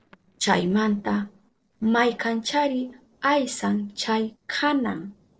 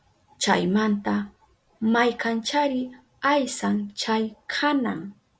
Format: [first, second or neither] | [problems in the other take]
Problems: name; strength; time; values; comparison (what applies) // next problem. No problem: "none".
second | noise reduction (neural separator model SepFormer DNS4)